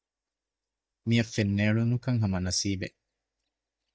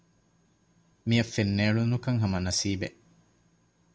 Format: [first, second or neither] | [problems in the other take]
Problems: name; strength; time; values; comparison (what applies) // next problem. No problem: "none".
second | noise reduction (neural mask model DeepFilterNet 3)